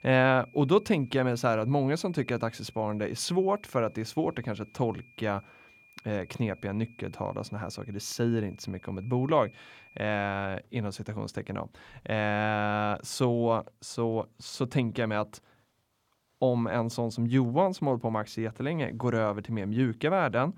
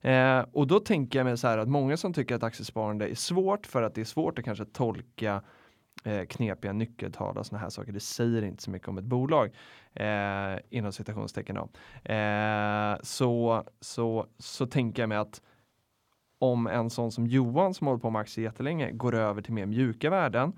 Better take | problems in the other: second | high-pitched whine; faint; until 10 s; 2.5 kHz, 25 dB below the speech

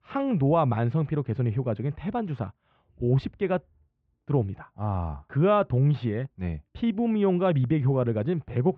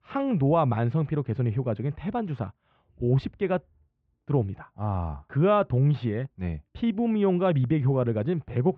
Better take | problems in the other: neither | muffled; very; fading above 3 kHz; the same in both

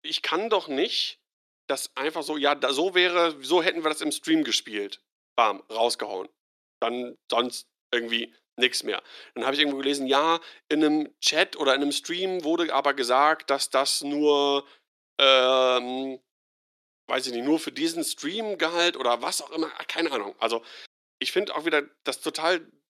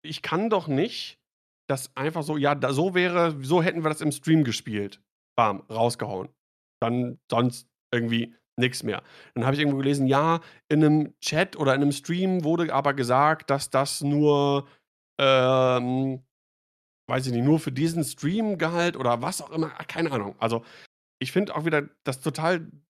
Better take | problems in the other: second | thin; somewhat; fading below 350 Hz

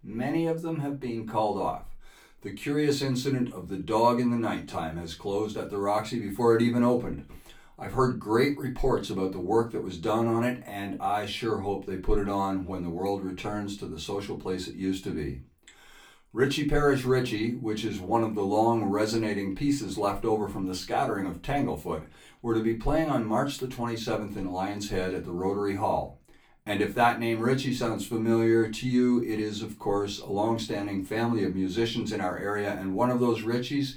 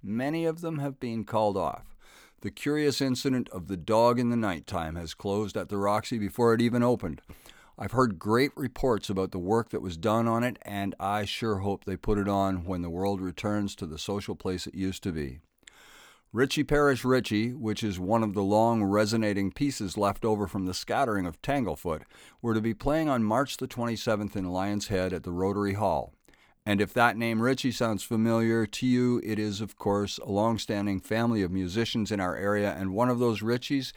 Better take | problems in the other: second | off-mic speech; far // room echo; very slight; dies away in 0.2 s

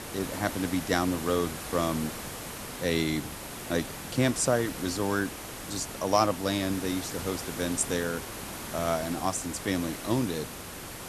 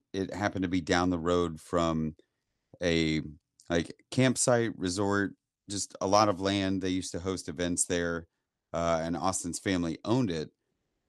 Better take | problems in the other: second | hiss; loud; throughout; 8 dB below the speech

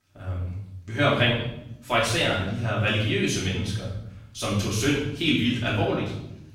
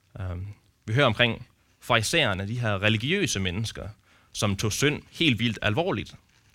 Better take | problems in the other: second | off-mic speech; far // room echo; noticeable; dies away in 0.8 s

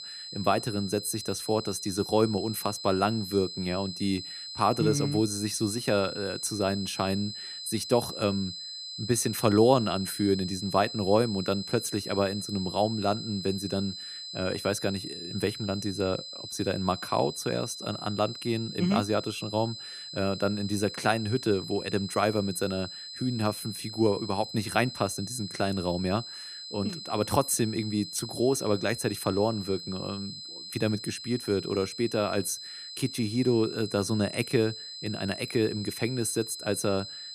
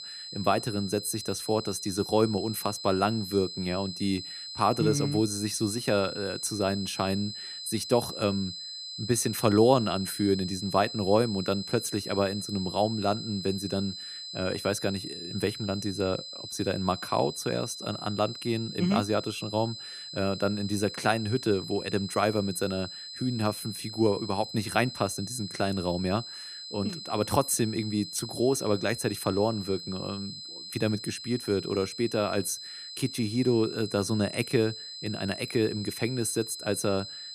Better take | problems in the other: neither | high-pitched whine; loud; throughout; 4 kHz, 9 dB below the speech; the same in both

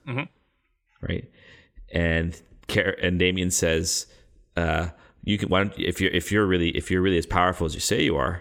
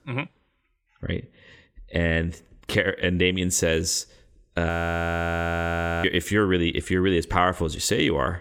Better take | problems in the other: first | audio freezing; at 4.5 s for 1.5 s

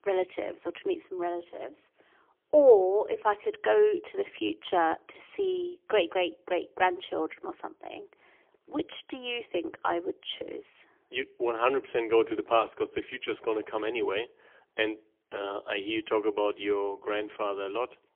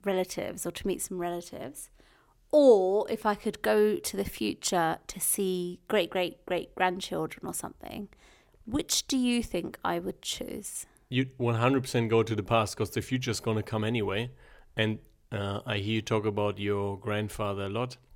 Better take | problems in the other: second | phone-call audio; poor line; nothing above 3.5 kHz

